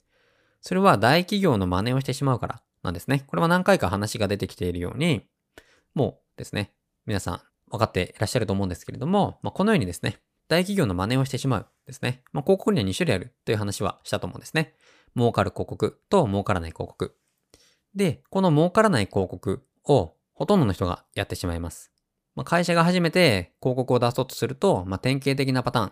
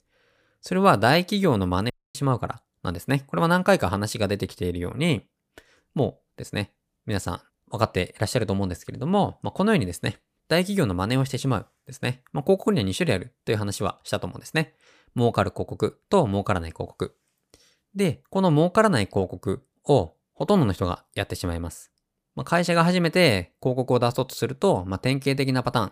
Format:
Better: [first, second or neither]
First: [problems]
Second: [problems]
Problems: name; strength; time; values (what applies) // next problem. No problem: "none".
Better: first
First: none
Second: audio cutting out; at 2 s